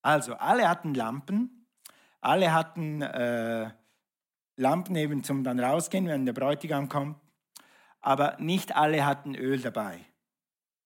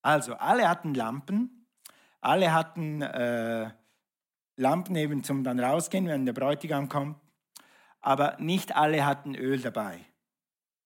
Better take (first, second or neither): neither